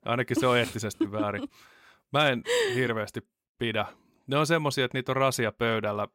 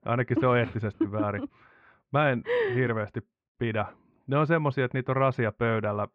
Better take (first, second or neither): first